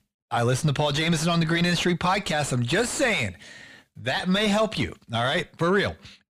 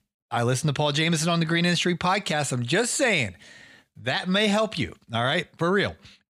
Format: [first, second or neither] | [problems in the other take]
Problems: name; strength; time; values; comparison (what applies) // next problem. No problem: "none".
second | distortion; slight; 8 dB below the speech